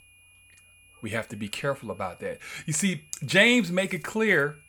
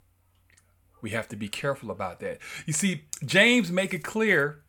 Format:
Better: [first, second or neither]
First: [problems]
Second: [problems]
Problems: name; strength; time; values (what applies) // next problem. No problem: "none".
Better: second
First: high-pitched whine; faint; throughout; 2.5 kHz, 30 dB below the speech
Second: none